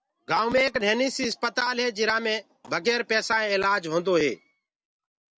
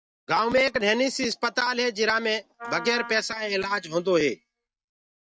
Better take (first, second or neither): first